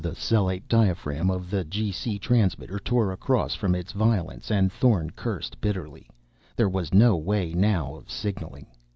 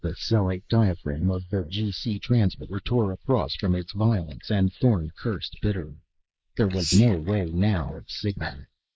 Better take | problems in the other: first | noise reduction (neural mask model Resemble Enhance denoiser)

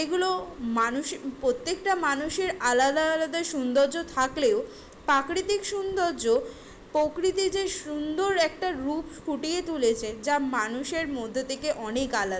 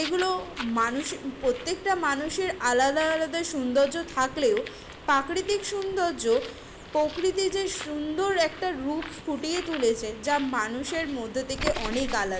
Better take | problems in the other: first | background sound (Bird); 13 dB below the speech

